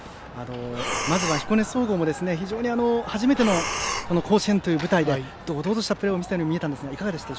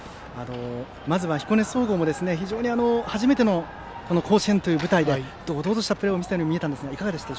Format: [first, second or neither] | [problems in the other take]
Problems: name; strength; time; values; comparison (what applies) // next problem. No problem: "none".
second | background sound (Breathing); 5 dB below the speech